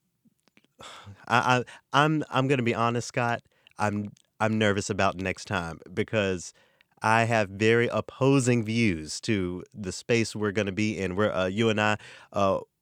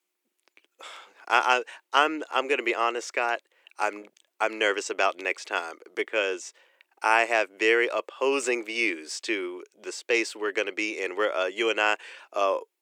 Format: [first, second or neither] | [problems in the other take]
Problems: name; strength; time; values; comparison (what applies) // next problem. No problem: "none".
first | thin; very; fading below 350 Hz